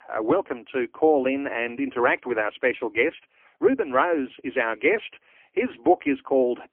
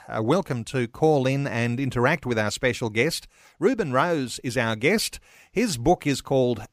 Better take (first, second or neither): second